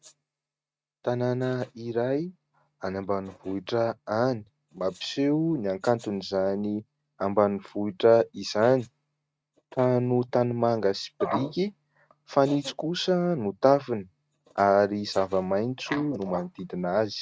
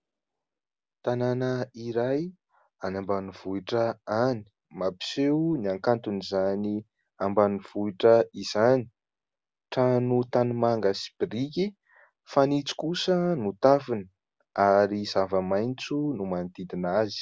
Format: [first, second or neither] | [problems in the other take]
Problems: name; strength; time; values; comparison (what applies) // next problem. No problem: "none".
second | noise reduction (neural mask model RNNoise)